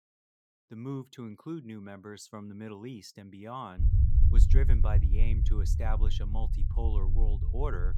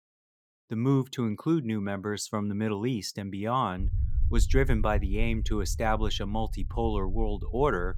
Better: second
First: low rumble; loud; from 4 s on; 4 dB below the speech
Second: low rumble; faint; from 4 s on; 20 dB below the speech

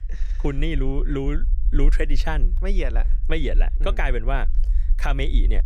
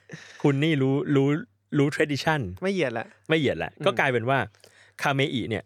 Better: second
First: low rumble; faint; throughout; 20 dB below the speech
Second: none

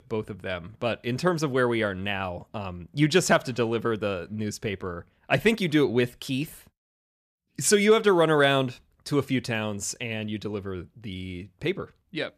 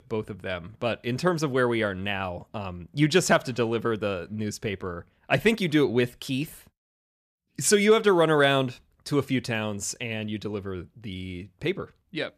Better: neither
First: none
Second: none

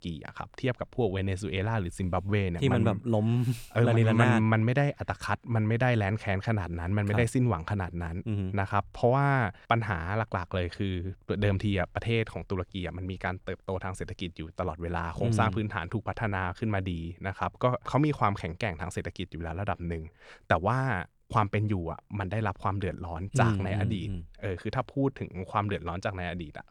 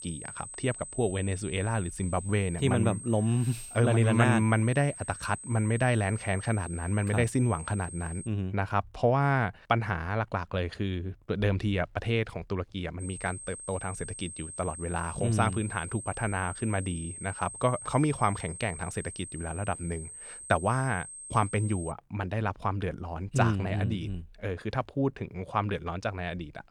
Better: first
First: none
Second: high-pitched whine; noticeable; until 8.5 s and from 13 to 22 s; 8.5 kHz, 10 dB below the speech

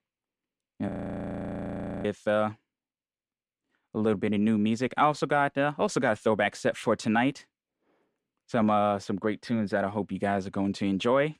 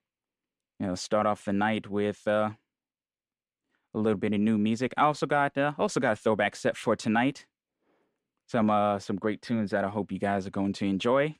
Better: second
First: audio freezing; at 1 s for 1 s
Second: none

